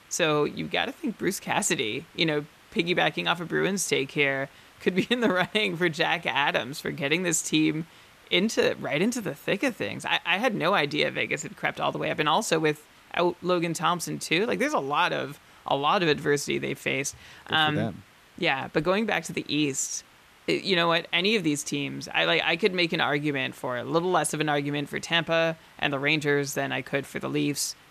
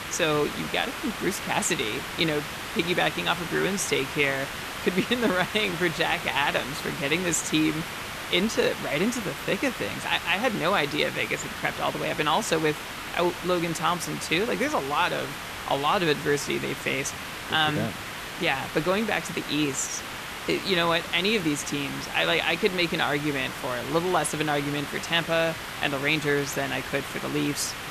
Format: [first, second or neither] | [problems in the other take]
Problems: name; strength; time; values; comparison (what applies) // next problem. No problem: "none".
first | hiss; loud; throughout; 8 dB below the speech; faint in the first